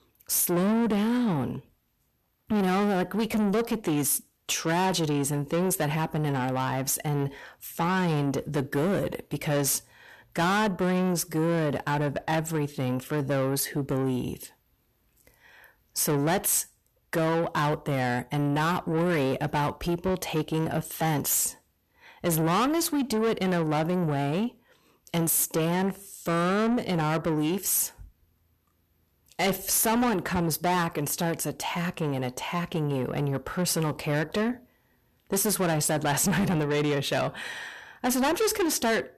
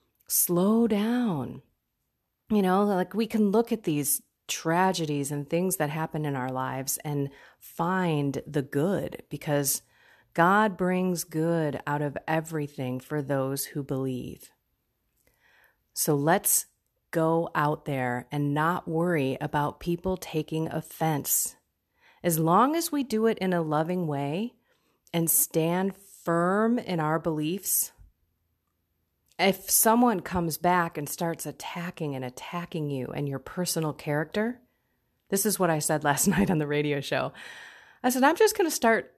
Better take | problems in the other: second | distortion; heavy; 7 dB below the speech

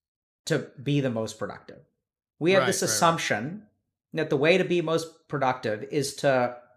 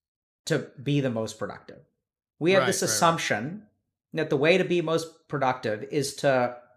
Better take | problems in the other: neither | none

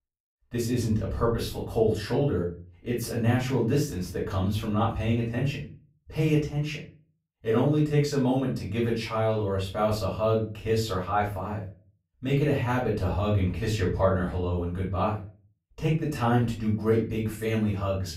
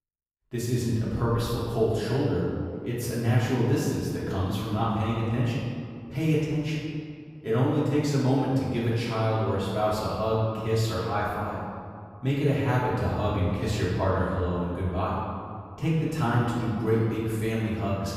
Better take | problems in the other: first | room echo; strong; dies away in 1.9 s; slight in the first // off-mic speech; far; far in the first

